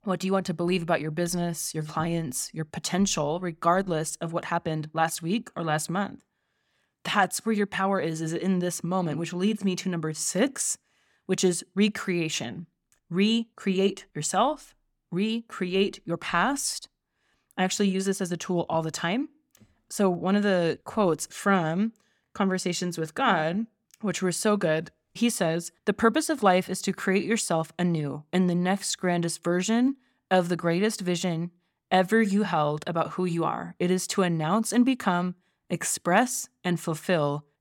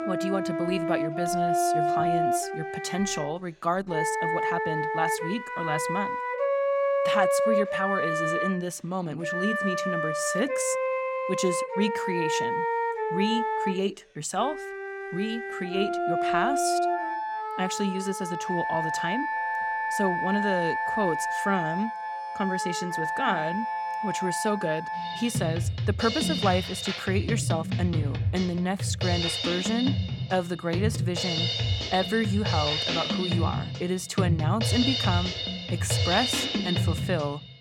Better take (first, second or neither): first